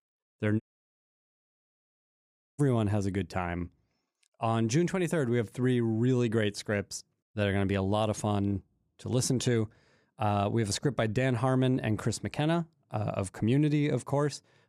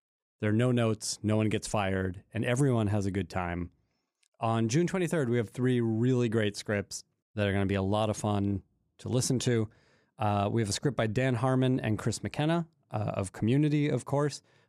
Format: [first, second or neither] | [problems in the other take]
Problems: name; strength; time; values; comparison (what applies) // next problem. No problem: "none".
second | audio cutting out; at 0.5 s for 2 s